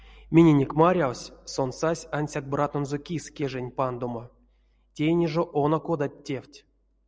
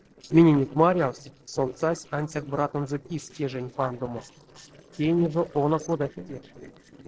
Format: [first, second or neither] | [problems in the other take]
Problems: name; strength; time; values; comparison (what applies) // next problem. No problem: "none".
first | noise reduction (neural separator model SepFormer DNS4)